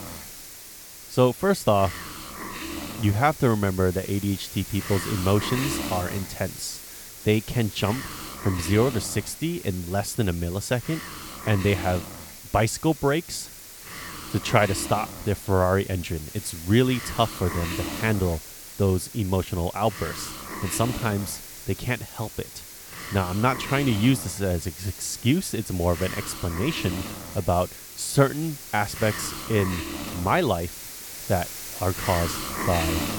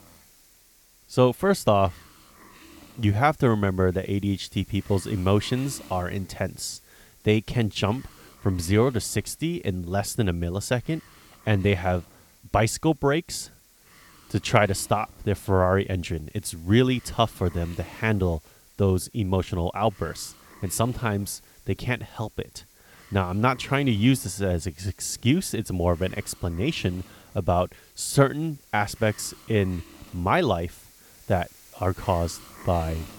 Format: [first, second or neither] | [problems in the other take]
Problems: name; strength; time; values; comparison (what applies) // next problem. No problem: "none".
second | hiss; loud; throughout; 9 dB below the speech; faint in the second